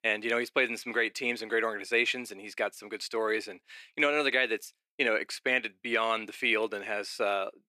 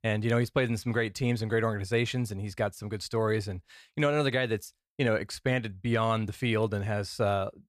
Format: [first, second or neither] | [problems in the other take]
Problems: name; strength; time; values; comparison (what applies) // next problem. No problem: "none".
second | thin; somewhat; fading below 300 Hz